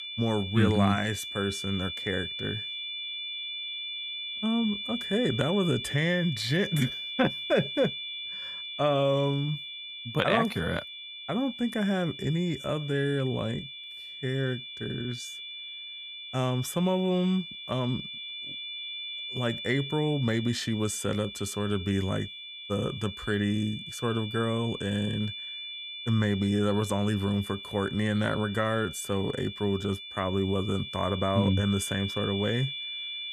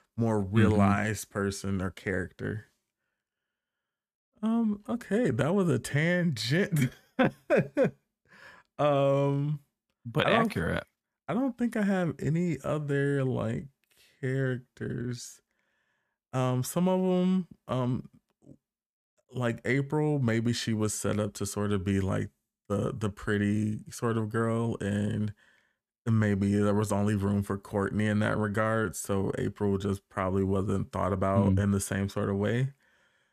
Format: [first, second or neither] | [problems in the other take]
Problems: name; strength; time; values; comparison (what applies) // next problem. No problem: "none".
second | high-pitched whine; loud; throughout; 3.5 kHz, 7 dB below the speech